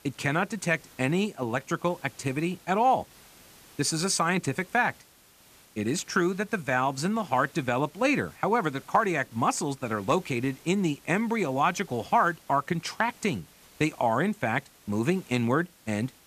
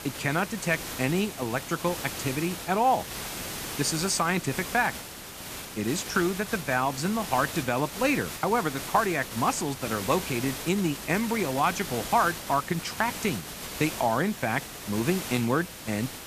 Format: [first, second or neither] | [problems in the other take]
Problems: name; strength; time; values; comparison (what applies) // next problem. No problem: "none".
first | hiss; loud; throughout; 8 dB below the speech; faint in the first